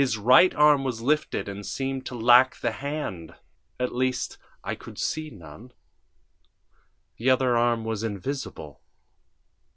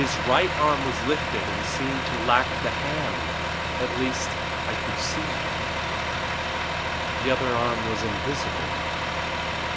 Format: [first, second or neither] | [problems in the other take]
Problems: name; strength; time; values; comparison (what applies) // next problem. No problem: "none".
first | background sound (Truck); 2 dB above the speech